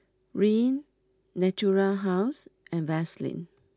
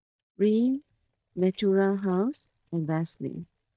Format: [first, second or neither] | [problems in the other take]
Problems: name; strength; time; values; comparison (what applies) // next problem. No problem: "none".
first | noise reduction (neural mask model DeepFilterNet 3)